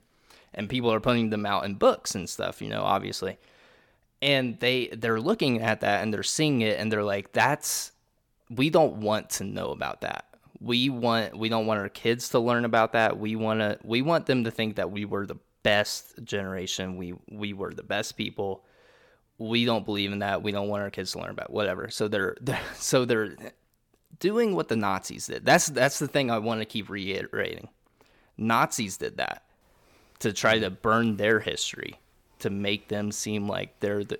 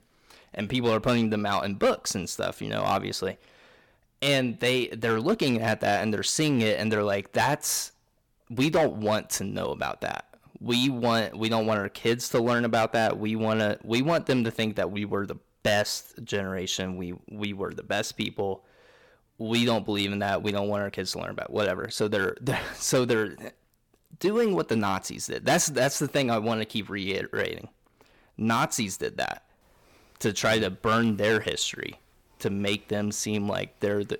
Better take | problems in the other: first | distortion; slight; 4% of the sound clipped

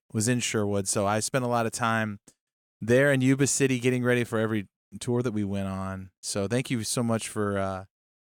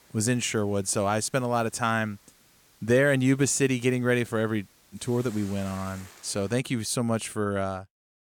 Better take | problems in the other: first | hiss; faint; until 6.5 s; 25 dB below the speech

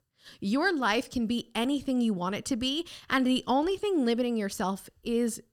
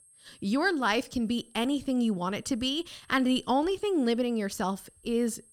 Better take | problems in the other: first | high-pitched whine; faint; throughout; 8.5 kHz, 30 dB below the speech

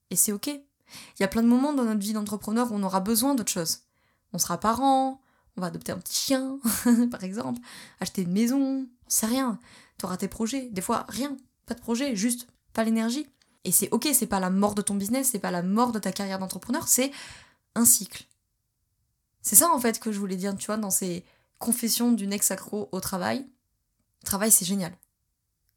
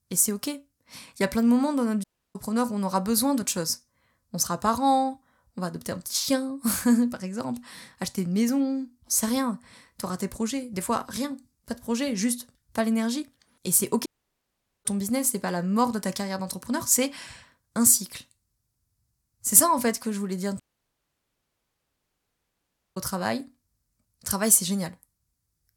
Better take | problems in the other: first | audio cutting out; at 2 s, at 14 s for 1 s and at 21 s for 2.5 s

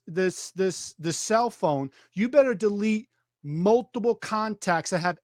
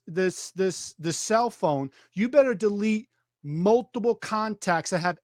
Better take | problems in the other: neither | none

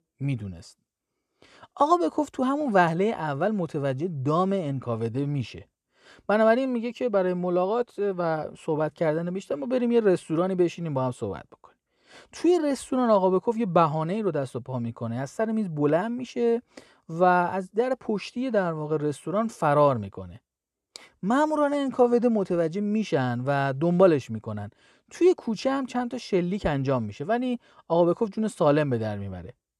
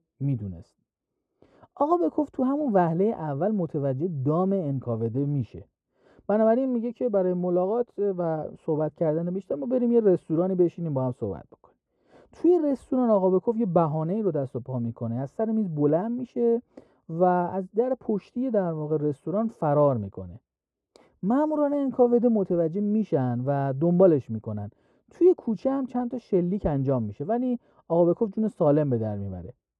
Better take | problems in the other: first | muffled; very; fading above 1 kHz

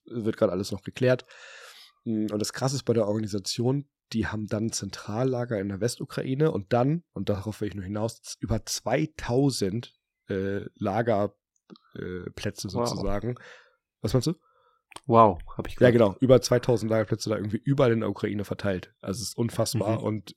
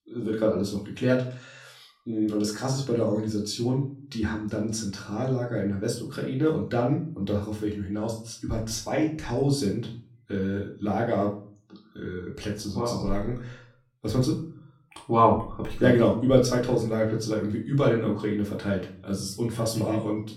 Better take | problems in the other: first | room echo; slight; dies away in 0.4 s // off-mic speech; far

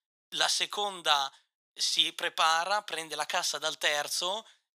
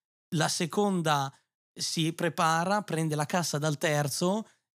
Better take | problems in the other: second | thin; very; fading below 750 Hz

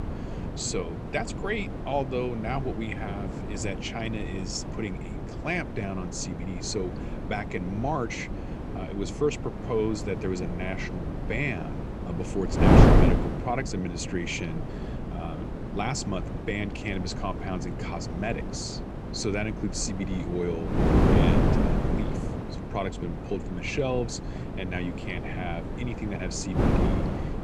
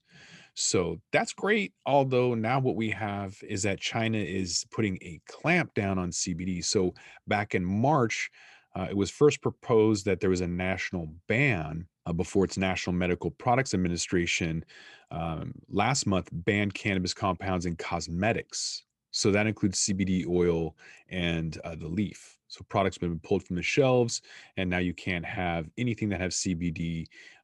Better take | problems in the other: second | wind noise on the microphone; heavy; 1 dB below the speech

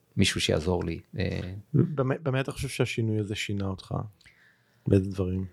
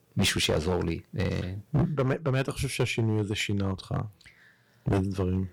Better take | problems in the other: first | distortion; heavy; 5% of the sound clipped

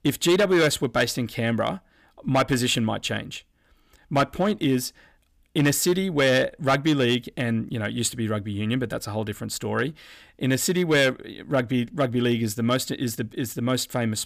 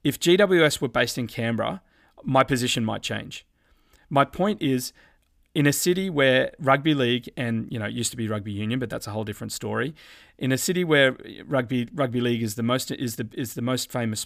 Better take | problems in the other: second | distortion; slight; 3% of the sound clipped

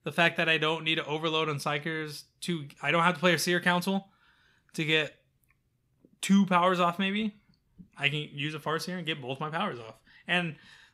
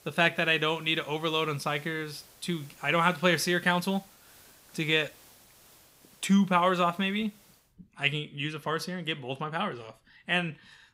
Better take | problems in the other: first | hiss; faint; until 7.5 s; 25 dB below the speech

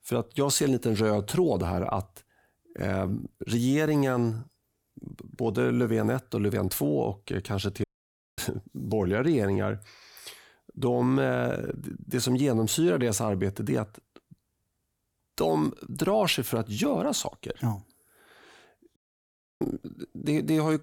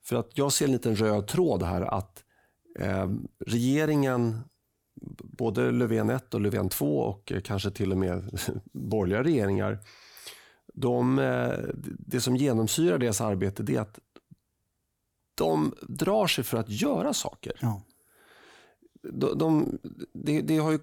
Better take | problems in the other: second | audio cutting out; at 8 s for 0.5 s and at 19 s for 0.5 s

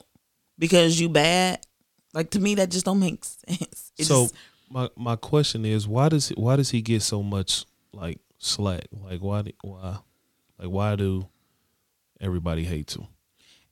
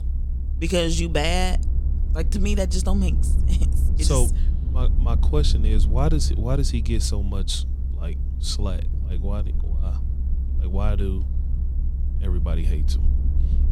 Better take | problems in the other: first | low rumble; noticeable; throughout; 15 dB below the speech

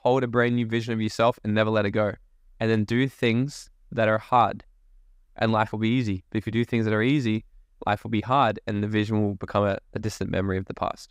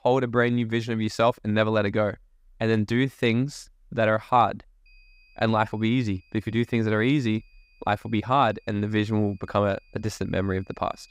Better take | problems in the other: first | high-pitched whine; faint; from 5 s on; 2.5 kHz, 35 dB below the speech

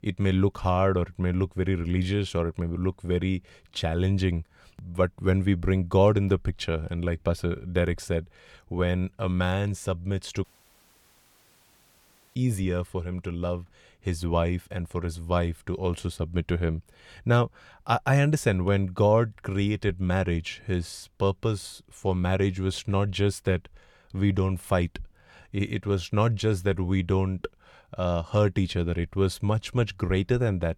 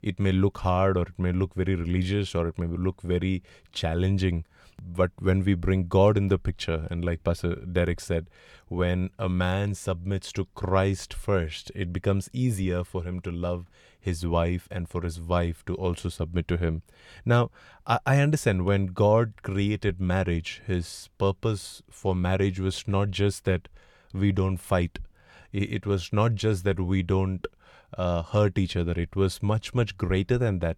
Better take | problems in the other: second | audio cutting out; at 10 s for 2 s

